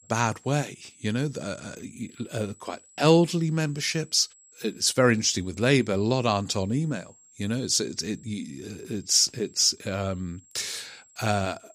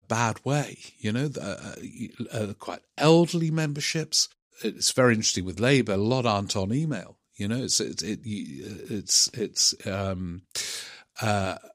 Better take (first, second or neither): second